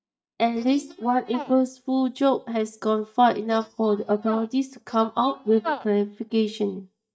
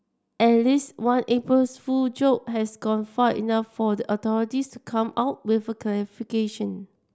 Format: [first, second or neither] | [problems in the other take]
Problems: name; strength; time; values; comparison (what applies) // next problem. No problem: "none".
second | noise reduction (neural mask model DeepFilterNet 3)